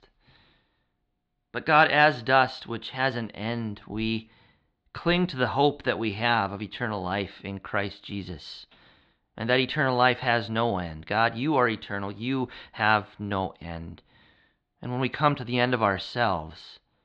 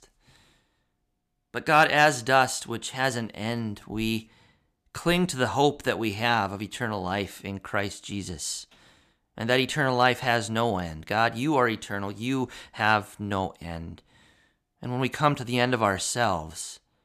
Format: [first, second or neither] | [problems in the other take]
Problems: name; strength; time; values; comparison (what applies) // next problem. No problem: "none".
second | muffled; very slightly; fading above 4 kHz